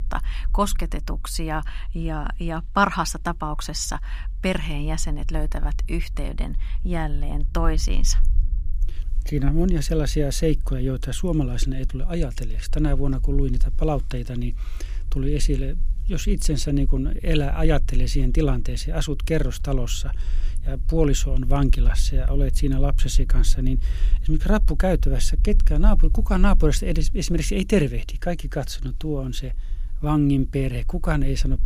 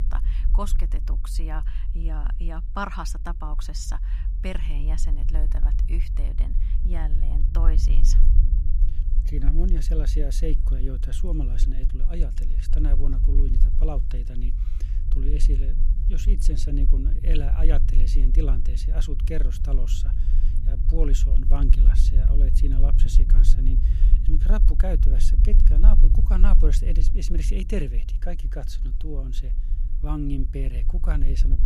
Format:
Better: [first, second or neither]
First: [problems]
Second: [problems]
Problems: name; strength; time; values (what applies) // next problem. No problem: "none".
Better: first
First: low rumble; faint; throughout; 25 dB below the speech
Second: low rumble; loud; throughout; 8 dB below the speech